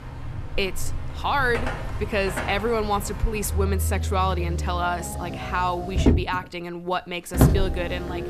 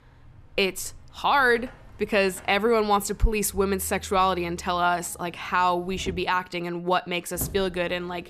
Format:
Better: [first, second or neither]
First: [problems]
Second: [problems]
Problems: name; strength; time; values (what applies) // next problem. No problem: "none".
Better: second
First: traffic noise; loud; throughout; as loud as the speech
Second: traffic noise; faint; throughout; 20 dB below the speech